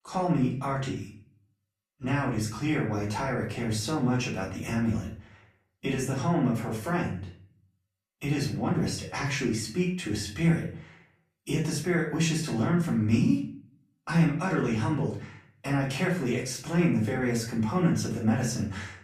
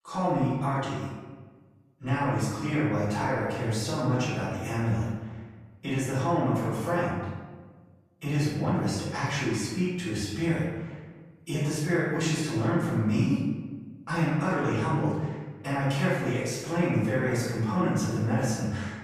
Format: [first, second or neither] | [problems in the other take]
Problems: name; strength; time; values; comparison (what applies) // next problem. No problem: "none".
first | room echo; strong; dies away in 1.2 s; slight in the first // off-mic speech; far; far in the first